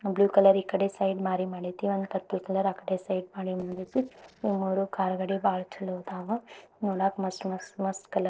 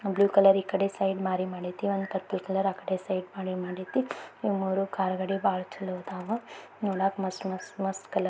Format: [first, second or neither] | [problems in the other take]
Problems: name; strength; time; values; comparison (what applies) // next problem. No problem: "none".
second | noise reduction (neural separator model SepFormer DNS4)